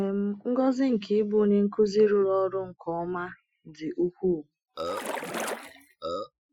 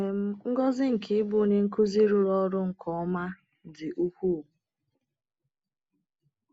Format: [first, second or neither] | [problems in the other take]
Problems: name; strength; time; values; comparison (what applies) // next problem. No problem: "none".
second | noise reduction (classical method Wiener filter)